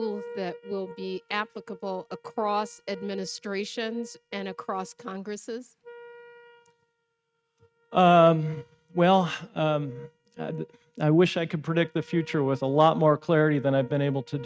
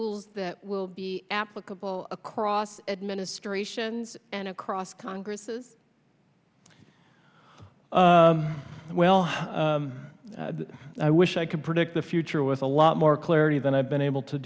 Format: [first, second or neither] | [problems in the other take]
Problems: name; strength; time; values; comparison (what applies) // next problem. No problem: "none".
second | noise reduction (neural mask model RNNoise)